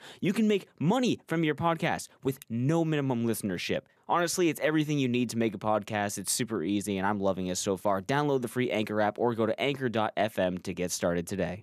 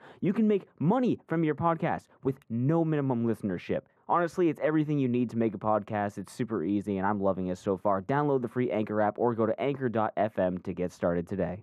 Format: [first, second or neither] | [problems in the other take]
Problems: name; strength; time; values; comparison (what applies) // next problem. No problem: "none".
first | muffled; very; fading above 2.5 kHz